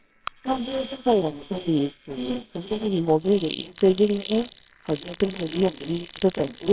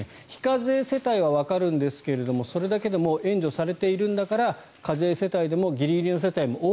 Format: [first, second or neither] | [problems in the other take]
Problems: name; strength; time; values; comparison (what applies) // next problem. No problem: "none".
second | noise reduction (neural separator model SepFormer WHAMR!)